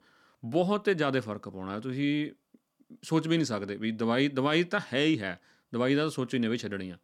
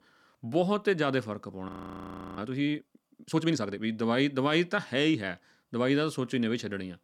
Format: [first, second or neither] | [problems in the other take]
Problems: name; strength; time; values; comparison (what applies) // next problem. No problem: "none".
first | audio freezing; at 1.5 s for 0.5 s